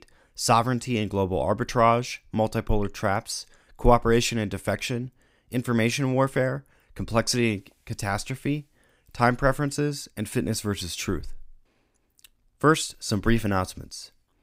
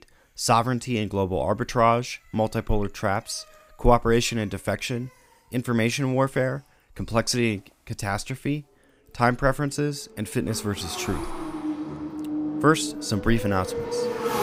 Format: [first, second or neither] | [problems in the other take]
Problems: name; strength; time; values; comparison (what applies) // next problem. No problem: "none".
first | traffic noise; loud; throughout; 7 dB below the speech